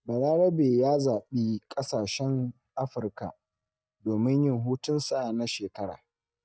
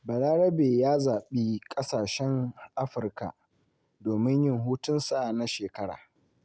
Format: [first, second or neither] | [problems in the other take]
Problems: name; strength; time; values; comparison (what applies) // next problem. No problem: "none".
second | noise reduction (neural mask model DeepFilterNet 3)